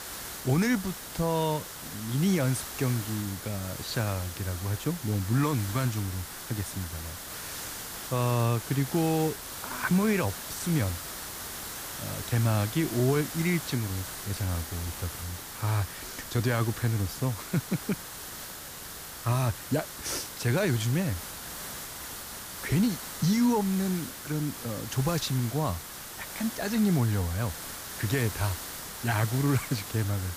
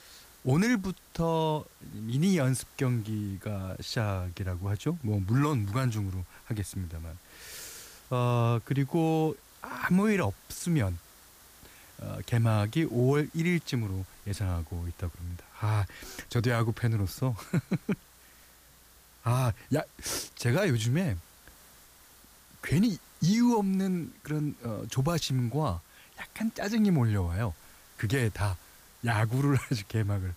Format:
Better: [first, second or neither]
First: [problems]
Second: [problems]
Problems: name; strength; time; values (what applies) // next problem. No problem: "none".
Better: second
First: hiss; loud; throughout; 8 dB below the speech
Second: hiss; faint; throughout; 25 dB below the speech